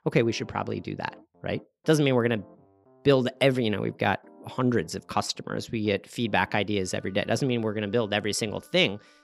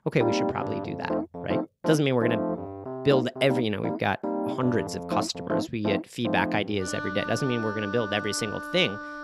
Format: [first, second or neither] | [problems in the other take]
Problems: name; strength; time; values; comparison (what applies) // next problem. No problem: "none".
first | background music; loud; throughout; 4 dB below the speech; faint in the first